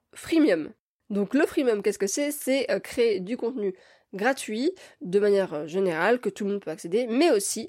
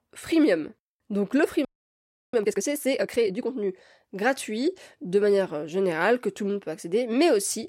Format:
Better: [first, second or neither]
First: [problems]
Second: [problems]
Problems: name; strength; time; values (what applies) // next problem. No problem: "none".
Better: first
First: none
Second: audio freezing; at 1.5 s for 0.5 s